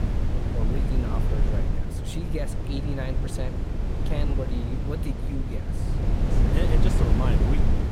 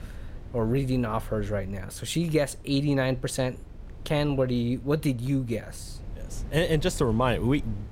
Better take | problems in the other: second | wind noise on the microphone; heavy; 1 dB above the speech; occasional gusts in the second

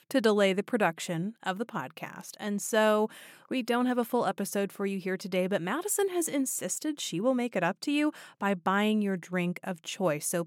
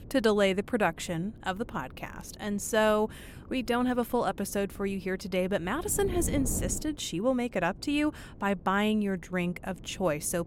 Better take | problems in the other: first | wind noise on the microphone; occasional gusts; 20 dB below the speech

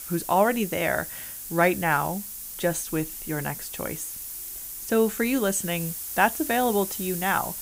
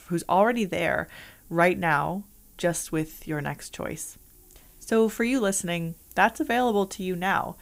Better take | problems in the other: second | hiss; loud; throughout; 8 dB below the speech; faint in the second

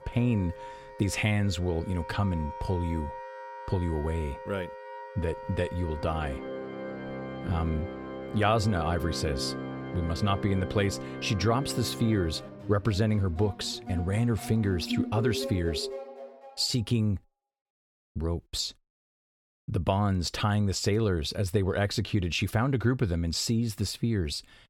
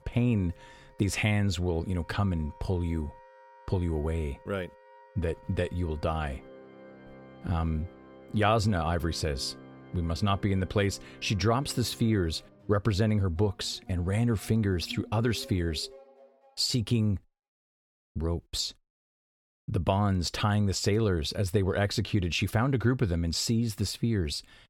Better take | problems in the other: second | background music; loud; until 16 s; 9 dB below the speech; faint in the second

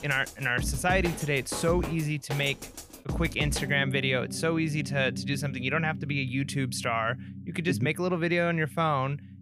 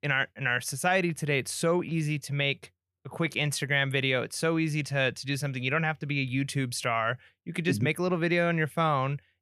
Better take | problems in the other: second | background music; loud; throughout; 9 dB below the speech

